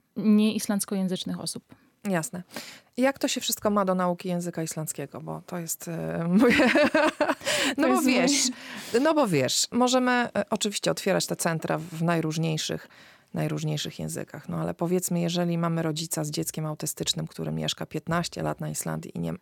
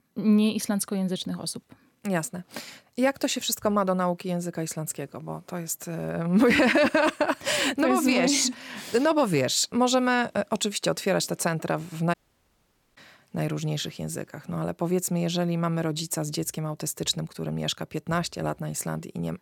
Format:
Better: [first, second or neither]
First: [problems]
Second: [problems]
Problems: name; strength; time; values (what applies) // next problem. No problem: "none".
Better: first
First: none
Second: audio cutting out; at 12 s for 1 s